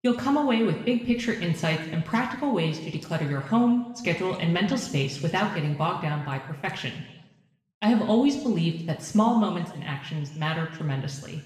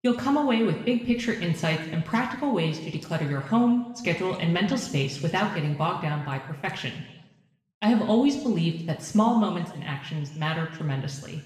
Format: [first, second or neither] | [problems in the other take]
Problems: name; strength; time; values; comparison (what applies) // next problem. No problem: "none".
neither | room echo; noticeable; dies away in 1 s; the same in both // off-mic speech; far; the same in both